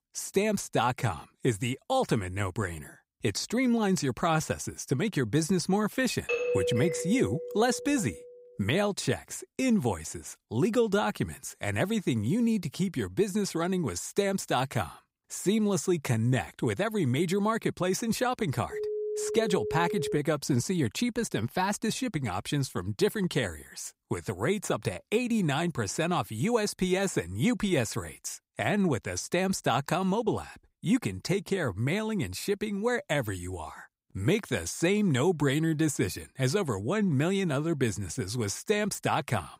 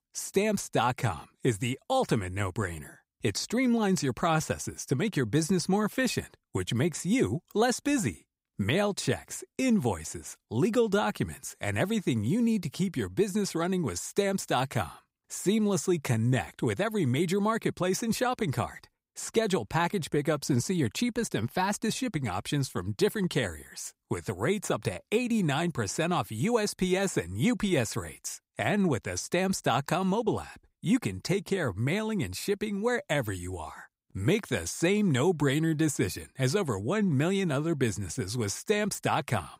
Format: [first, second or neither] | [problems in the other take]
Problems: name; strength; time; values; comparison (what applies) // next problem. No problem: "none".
second | doorbell; loud; from 6.5 to 8 s; peak 1 dB above the speech // phone ringing; noticeable; from 19 to 20 s; peak 4 dB below the speech